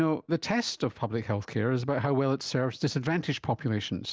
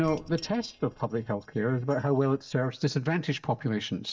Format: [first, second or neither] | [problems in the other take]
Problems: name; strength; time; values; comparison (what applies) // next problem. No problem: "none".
first | noise reduction (neural mask model DeepFilterNet 3)